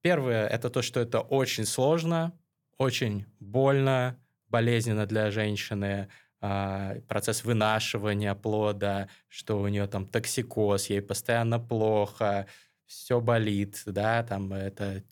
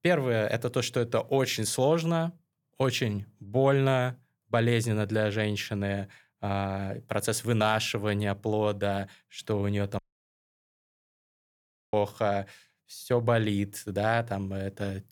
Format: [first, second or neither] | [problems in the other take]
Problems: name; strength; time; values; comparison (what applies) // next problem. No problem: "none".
first | audio cutting out; at 10 s for 2 s